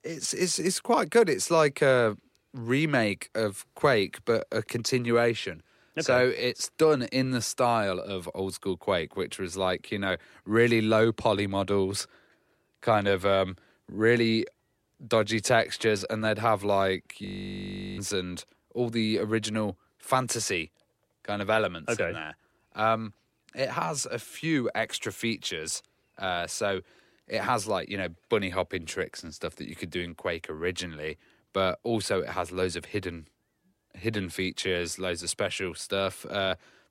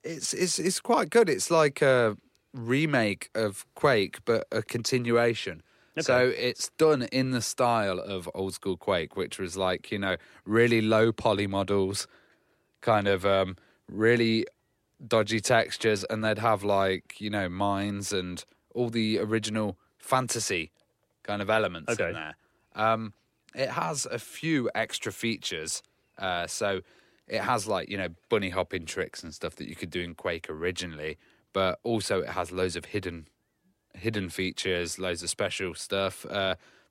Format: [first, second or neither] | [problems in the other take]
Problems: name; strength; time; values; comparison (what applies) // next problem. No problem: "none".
second | audio freezing; at 17 s for 0.5 s